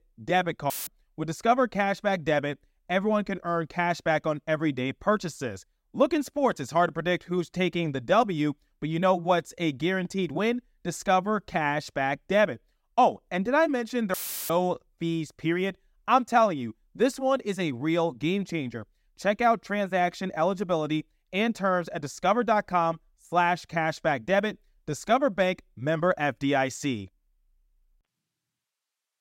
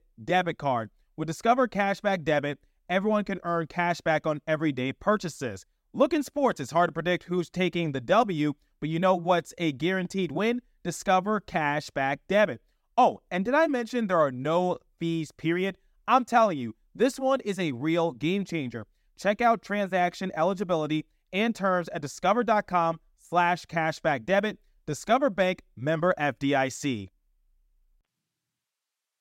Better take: second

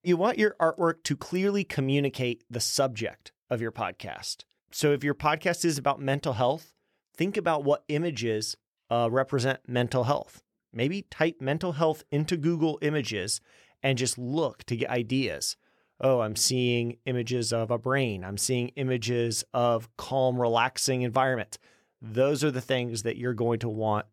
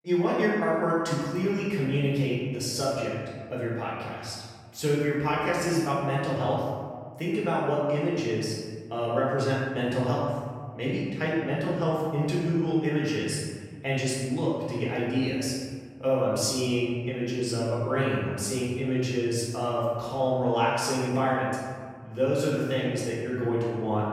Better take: first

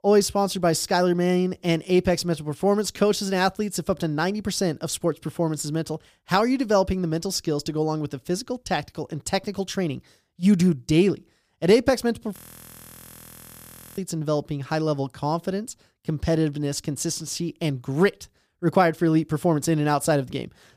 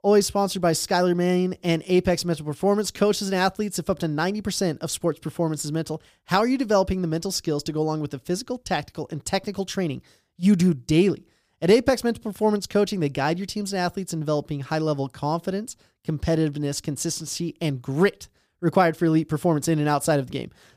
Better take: second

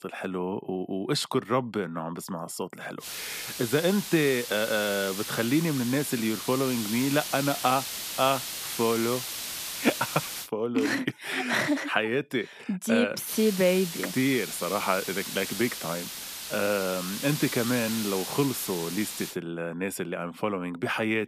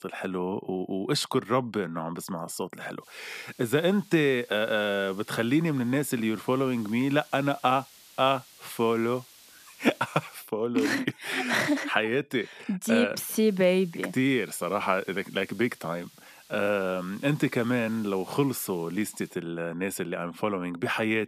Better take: second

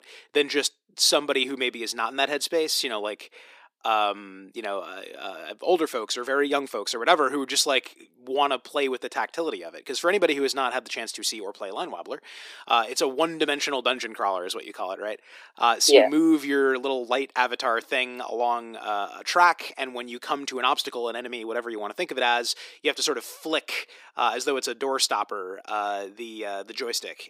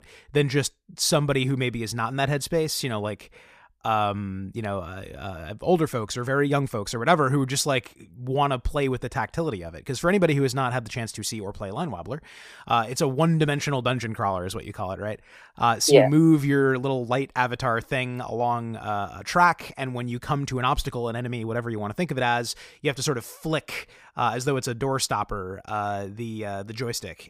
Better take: second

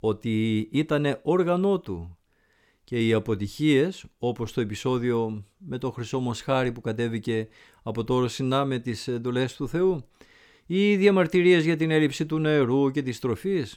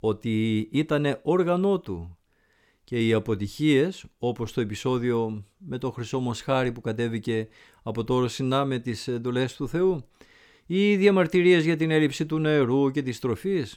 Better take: neither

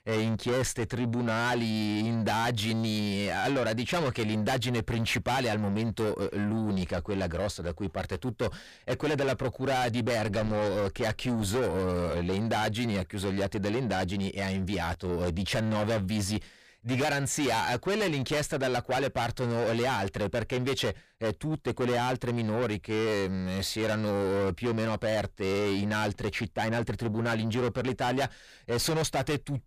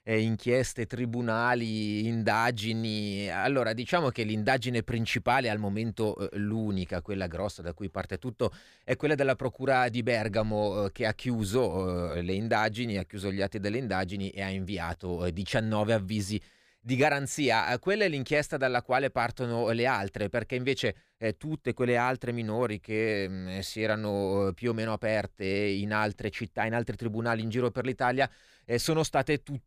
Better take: second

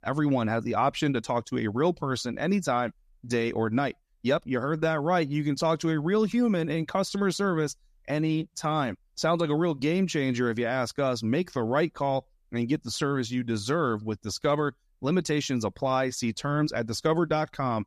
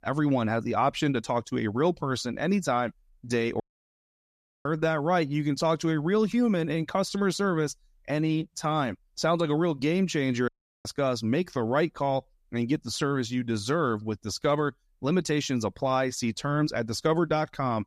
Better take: first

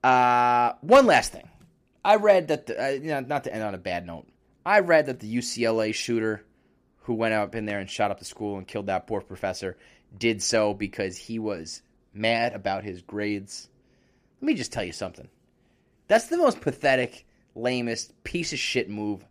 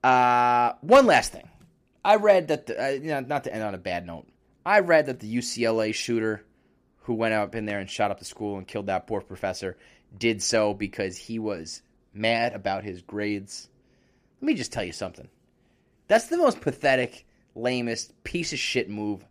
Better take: neither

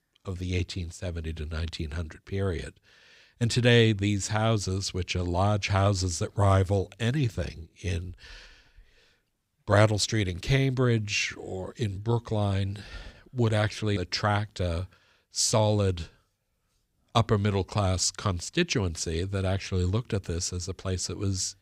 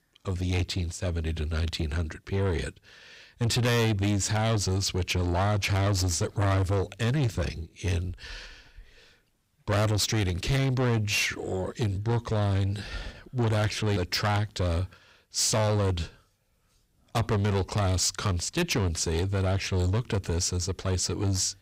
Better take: first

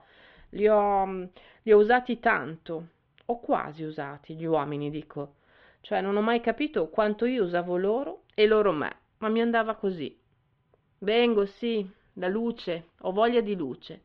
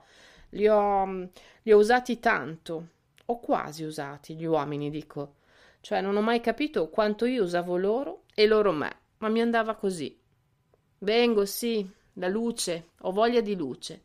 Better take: second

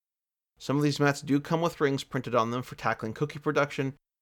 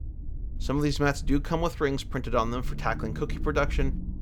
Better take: first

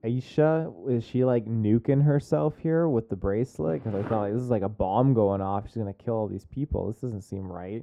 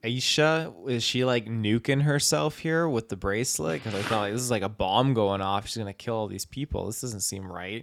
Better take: second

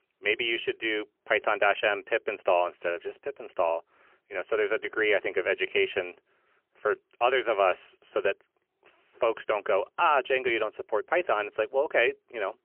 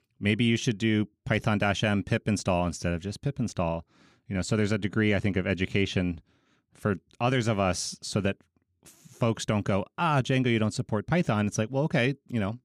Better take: second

